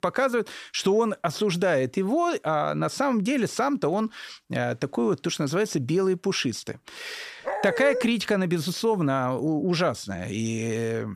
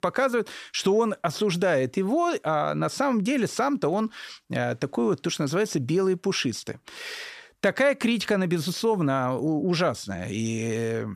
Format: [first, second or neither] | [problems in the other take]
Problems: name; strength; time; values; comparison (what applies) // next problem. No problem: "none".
second | dog barking; noticeable; at 7.5 s; peak 4 dB below the speech